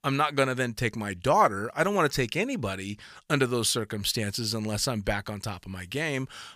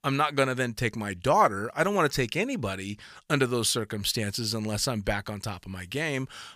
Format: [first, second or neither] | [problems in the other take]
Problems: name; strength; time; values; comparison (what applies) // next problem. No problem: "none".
neither | none